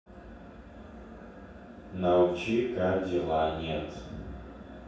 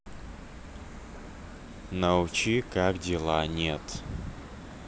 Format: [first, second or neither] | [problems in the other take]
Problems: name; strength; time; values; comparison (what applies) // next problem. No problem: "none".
second | room echo; dies away in 0.7 s